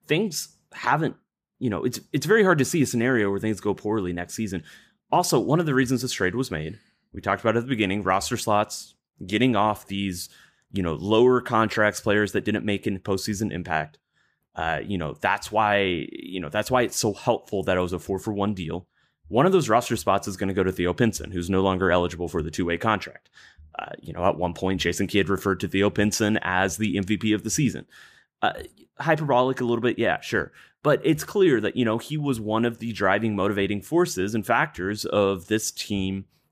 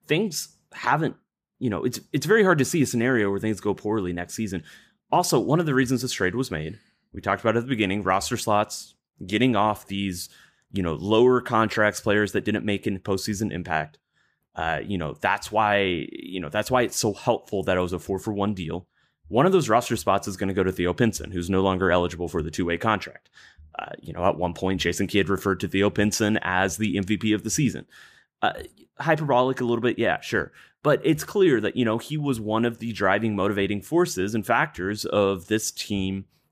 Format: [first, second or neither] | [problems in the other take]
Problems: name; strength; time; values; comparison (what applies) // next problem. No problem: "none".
neither | none